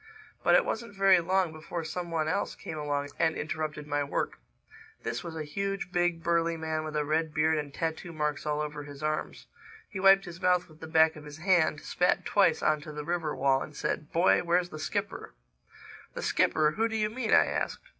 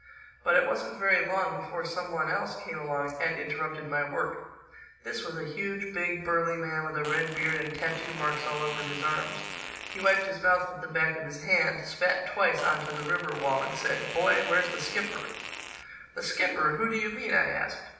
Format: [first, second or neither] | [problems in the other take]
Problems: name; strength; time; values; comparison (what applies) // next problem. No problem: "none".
first | background sound (Fart); 9 dB below the speech // room echo; dies away in 0.8 s